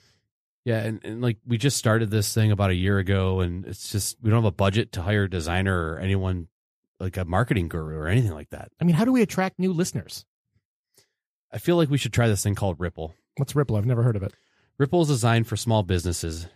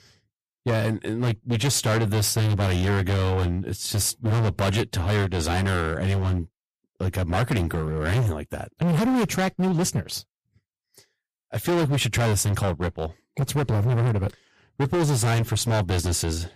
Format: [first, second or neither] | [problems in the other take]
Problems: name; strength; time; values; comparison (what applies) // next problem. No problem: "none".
first | distortion; heavy; 23% of the sound clipped